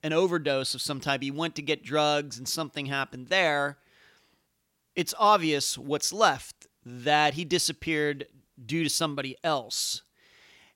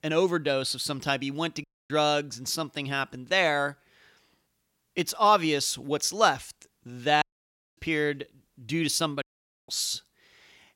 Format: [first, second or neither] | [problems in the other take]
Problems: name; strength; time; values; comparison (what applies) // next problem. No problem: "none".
first | audio cutting out; at 1.5 s, at 7 s for 0.5 s and at 9 s